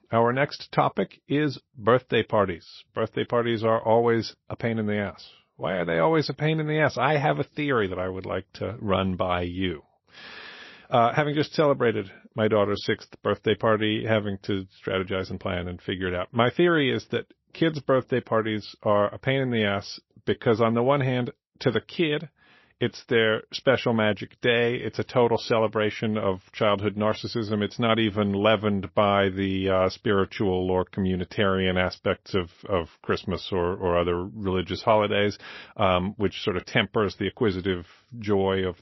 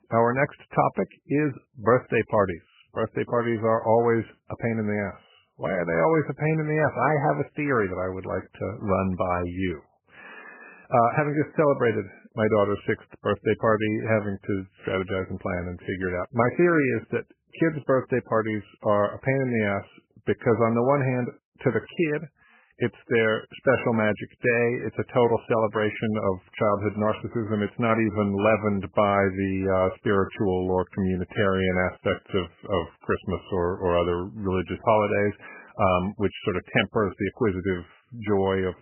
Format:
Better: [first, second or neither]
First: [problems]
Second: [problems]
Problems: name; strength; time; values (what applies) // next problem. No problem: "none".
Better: first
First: garbled, watery; slightly; nothing above 5.5 kHz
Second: garbled, watery; badly; nothing above 3 kHz